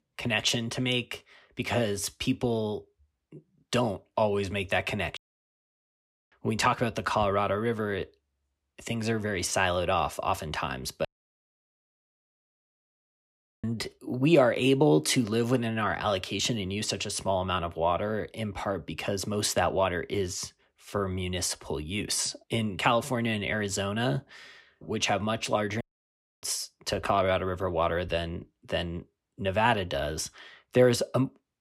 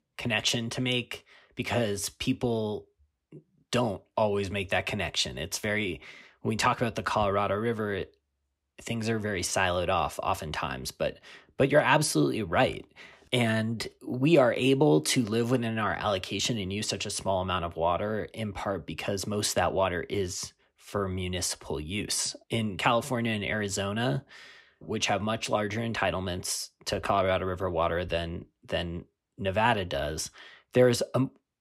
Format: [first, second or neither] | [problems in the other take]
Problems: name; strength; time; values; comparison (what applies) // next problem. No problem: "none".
second | audio cutting out; at 5 s for 1 s, at 11 s for 2.5 s and at 26 s for 0.5 s